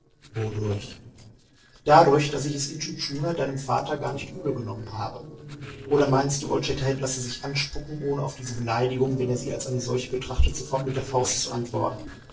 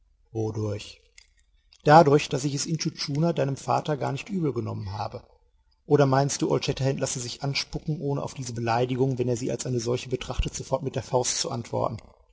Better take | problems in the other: second | noise reduction (neural separator model SepFormer DNS4)

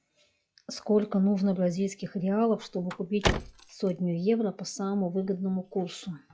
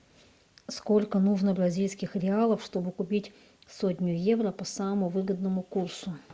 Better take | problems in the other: second | noise reduction (classical method log-MMSE)

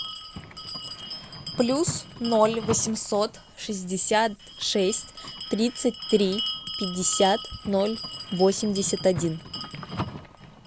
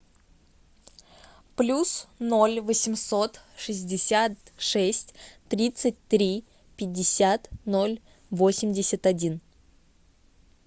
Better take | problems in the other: second | background sound (Bell); 10 dB below the speech

